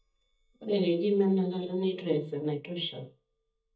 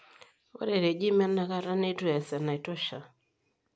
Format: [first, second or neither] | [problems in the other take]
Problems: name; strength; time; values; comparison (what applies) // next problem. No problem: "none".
second | noise reduction (neural mask model DeepFilterNet 3)